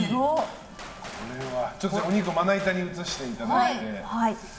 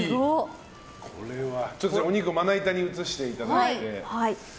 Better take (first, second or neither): second